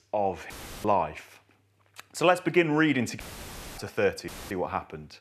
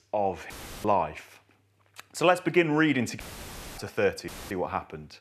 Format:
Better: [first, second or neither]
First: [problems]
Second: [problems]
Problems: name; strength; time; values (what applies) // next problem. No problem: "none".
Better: neither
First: audio cutting out; filled with static; at 0.5 s, at 3 s for 0.5 s and at 4.5 s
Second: audio cutting out; filled with static; at 0.5 s, at 3 s for 0.5 s and at 4.5 s